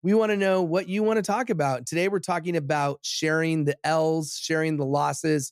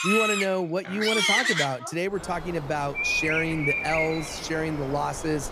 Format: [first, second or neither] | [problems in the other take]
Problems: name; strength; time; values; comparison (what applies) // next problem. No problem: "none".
first | animal sounds; very loud; throughout; 3 dB above the speech